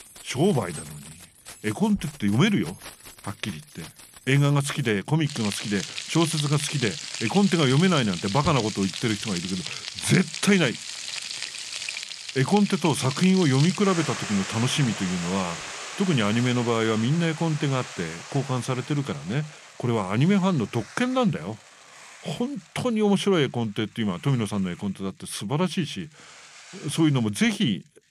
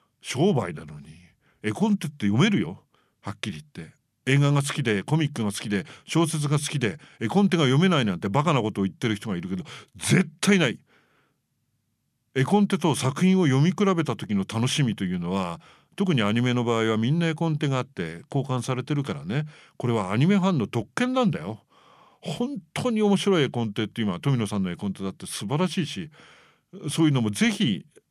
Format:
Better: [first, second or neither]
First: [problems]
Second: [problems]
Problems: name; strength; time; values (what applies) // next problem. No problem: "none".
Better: second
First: household noises; loud; throughout; 10 dB below the speech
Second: none